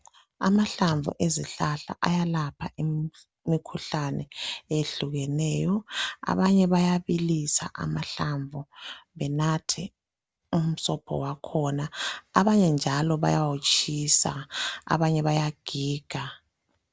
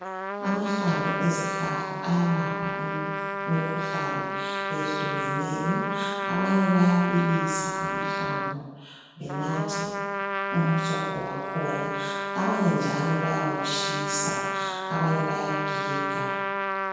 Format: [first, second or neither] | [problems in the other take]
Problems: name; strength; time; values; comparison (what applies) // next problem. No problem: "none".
first | background sound (Trumpet); 1 dB below the speech // room echo; dies away in 1.2 s